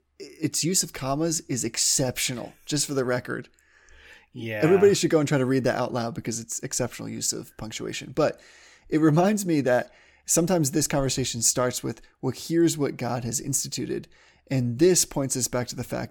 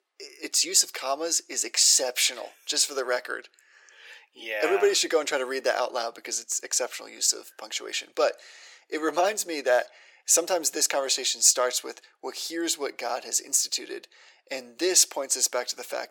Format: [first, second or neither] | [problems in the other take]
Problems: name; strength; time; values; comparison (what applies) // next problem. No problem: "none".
first | thin; very; fading below 450 Hz